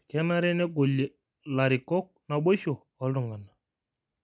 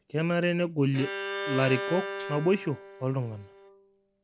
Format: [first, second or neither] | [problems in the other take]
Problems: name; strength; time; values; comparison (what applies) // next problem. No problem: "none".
first | background sound (Bowed string instrument + Tambourine); 8 dB below the speech